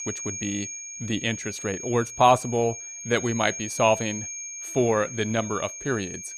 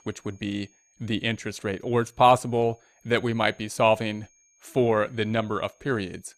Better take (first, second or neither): second